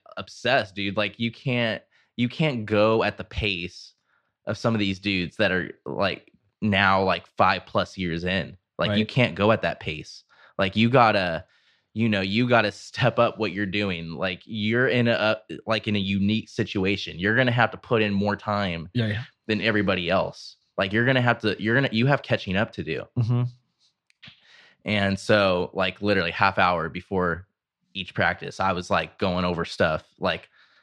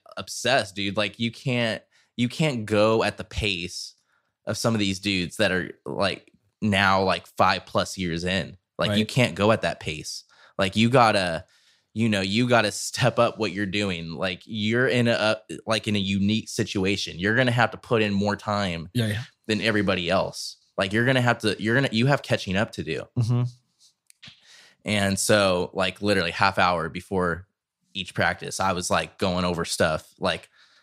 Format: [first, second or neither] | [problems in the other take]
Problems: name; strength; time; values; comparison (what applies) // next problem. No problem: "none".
second | muffled; very slightly; fading above 3 kHz